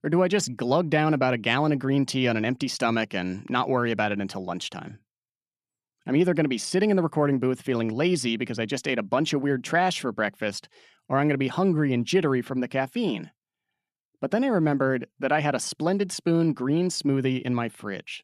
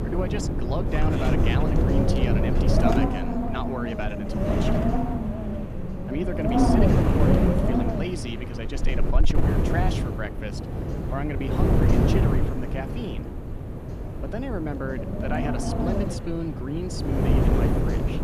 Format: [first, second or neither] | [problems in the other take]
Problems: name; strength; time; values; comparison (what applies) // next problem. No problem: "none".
first | wind noise on the microphone; heavy; 4 dB above the speech